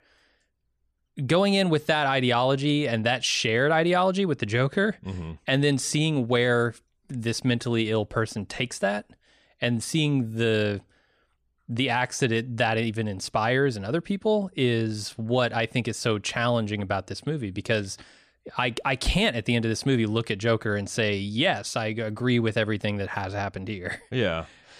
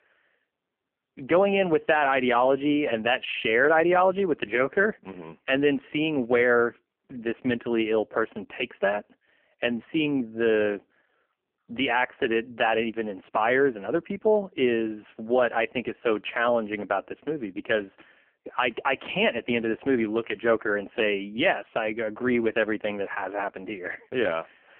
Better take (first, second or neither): first